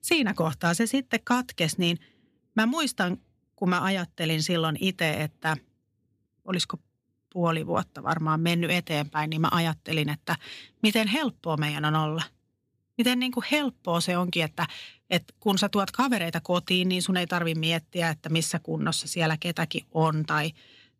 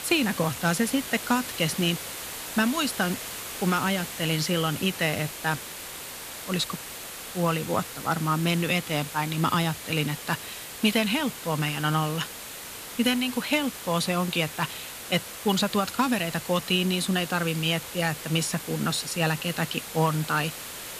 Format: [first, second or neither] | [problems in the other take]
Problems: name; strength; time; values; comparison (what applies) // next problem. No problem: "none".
first | hiss; loud; throughout; 9 dB below the speech